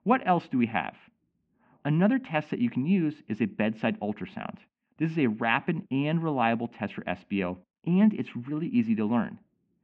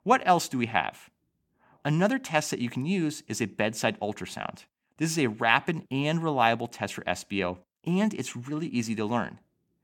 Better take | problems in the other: second | muffled; very; fading above 2.5 kHz

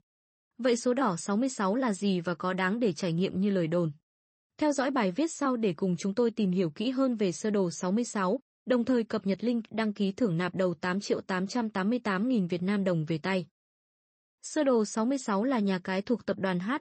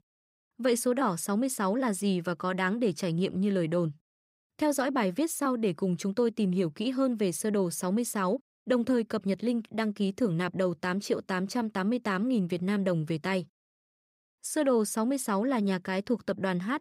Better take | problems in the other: second | garbled, watery; slightly; nothing above 8 kHz

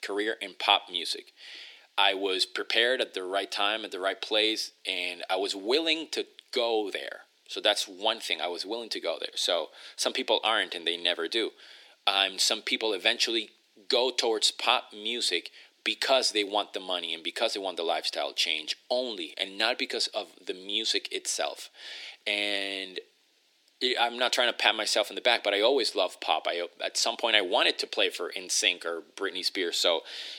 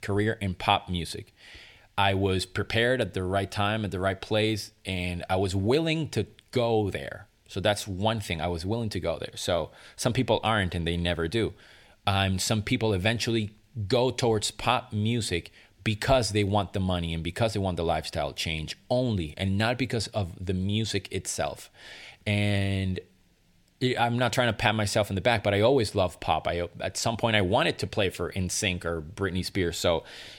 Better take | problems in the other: second | thin; very; fading below 300 Hz

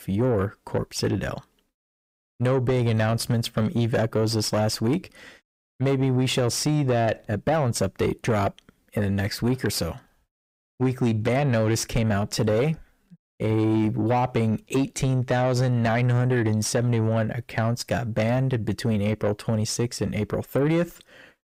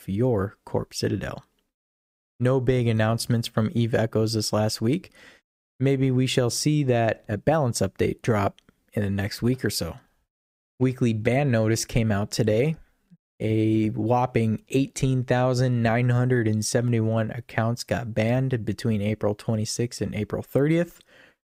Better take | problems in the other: second | distortion; slight; 10 dB below the speech

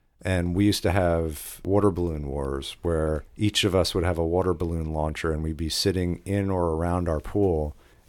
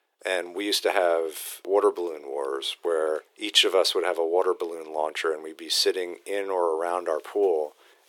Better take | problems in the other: first | thin; very; fading below 400 Hz

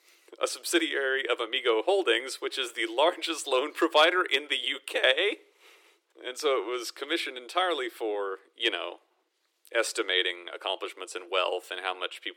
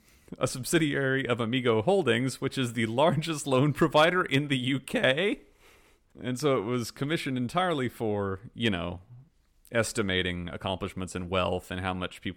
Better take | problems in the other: second | thin; very; fading below 350 Hz

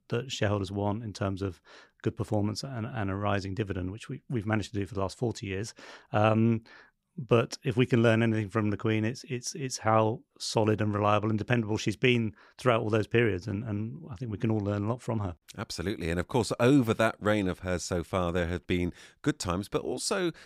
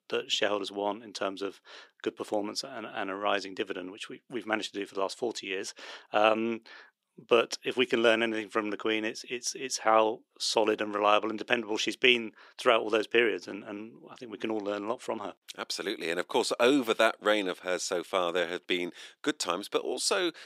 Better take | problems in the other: first | thin; somewhat; fading below 350 Hz

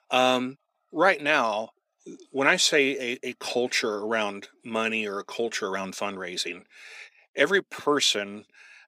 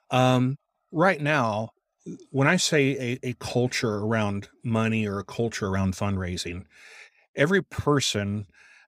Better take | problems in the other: second | thin; somewhat; fading below 300 Hz

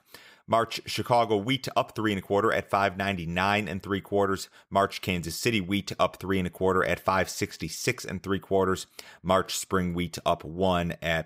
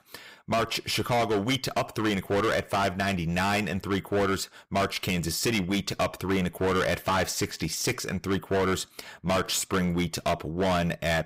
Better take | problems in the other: first | distortion; heavy; 17% of the sound clipped

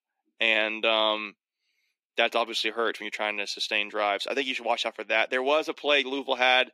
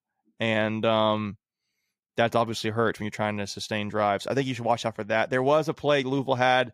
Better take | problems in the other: second | thin; somewhat; fading below 300 Hz

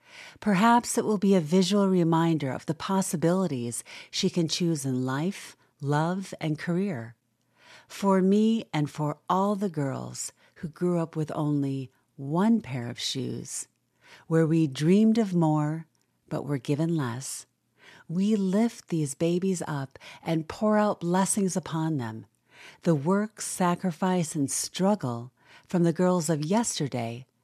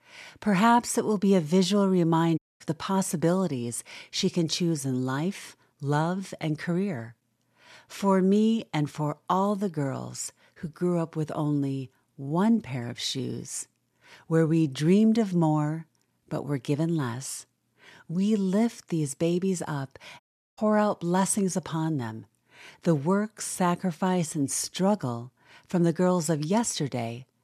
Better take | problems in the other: first | audio cutting out; at 2.5 s and at 20 s

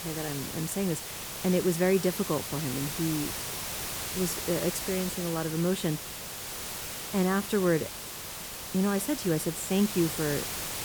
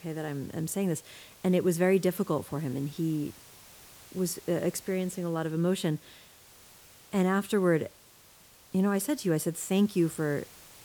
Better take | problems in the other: second | hiss; loud; throughout; 5 dB below the speech; faint in the second

